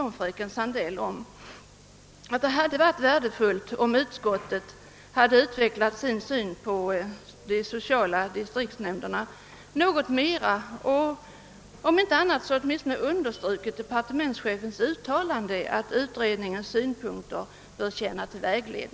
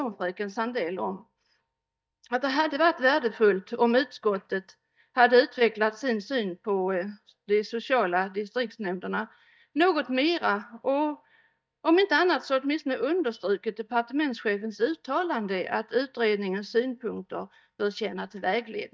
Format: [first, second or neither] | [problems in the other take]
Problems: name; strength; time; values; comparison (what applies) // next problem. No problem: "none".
first | noise reduction (neural mask model DeepFilterNet 3)